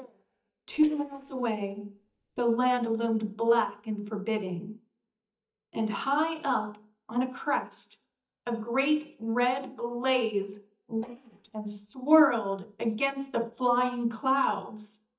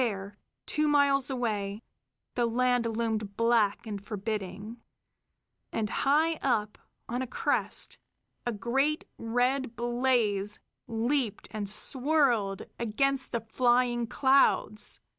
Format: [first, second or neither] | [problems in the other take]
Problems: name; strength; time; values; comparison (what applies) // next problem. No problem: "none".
second | noise reduction (neural mask model DeepFilterNet 3)